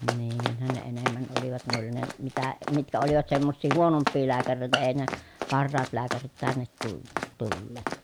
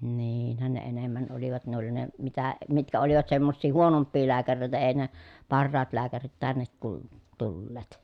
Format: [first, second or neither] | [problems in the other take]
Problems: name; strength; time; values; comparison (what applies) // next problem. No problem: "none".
second | background sound (Run); 6 dB below the speech